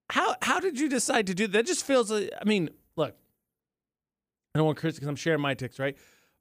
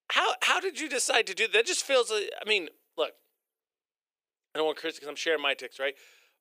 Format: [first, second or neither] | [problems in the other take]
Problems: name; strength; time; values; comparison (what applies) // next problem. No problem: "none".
first | thin; very; fading below 400 Hz